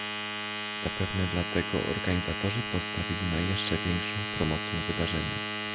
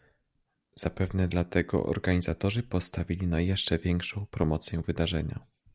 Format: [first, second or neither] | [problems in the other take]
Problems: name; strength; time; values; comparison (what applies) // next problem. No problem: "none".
second | background sound (Domestic sounds, home sounds); 2 dB below the speech